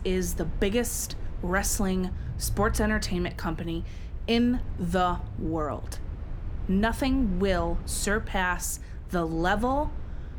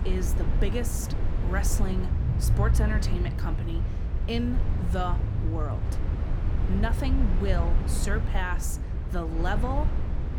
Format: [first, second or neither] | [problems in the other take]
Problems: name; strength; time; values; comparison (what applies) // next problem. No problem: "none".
first | low rumble; loud; throughout; 6 dB below the speech; faint in the first